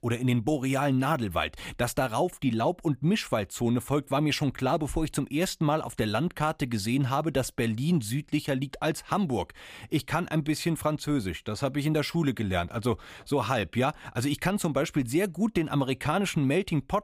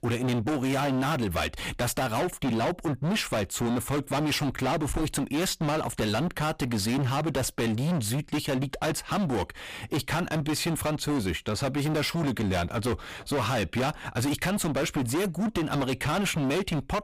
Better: first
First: none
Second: distortion; heavy; 32% of the sound clipped

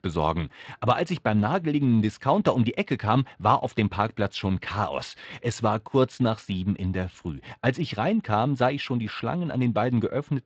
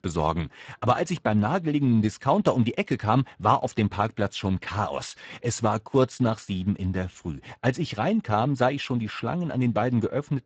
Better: first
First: garbled, watery; slightly; nothing above 7.5 kHz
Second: garbled, watery; badly; nothing above 7.5 kHz

